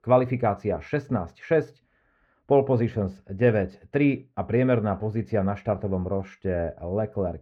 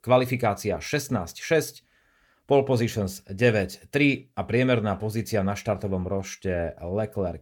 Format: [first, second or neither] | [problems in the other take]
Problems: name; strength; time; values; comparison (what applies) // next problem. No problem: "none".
second | muffled; very; fading above 4 kHz